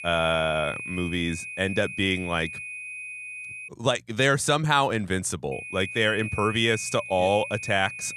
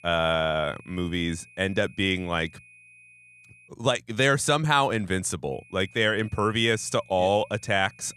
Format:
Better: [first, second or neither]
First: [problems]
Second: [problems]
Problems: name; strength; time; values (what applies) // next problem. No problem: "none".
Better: second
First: high-pitched whine; loud; until 3.5 s and from 5.5 s on; 2.5 kHz, 9 dB below the speech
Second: high-pitched whine; faint; until 3.5 s and from 5.5 s on; 2.5 kHz, 25 dB below the speech